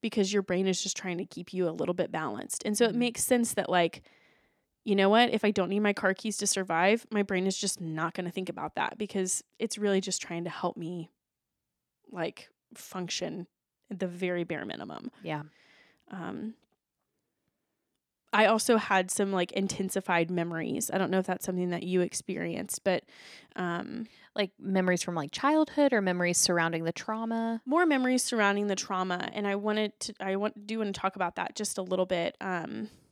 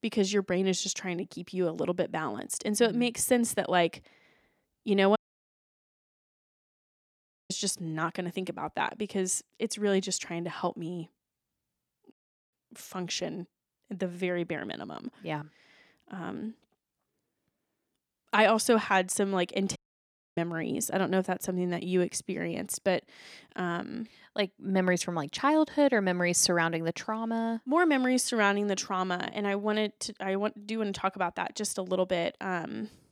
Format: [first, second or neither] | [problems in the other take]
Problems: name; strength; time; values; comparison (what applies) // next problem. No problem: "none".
first | audio cutting out; at 5 s for 2.5 s, at 12 s and at 20 s for 0.5 s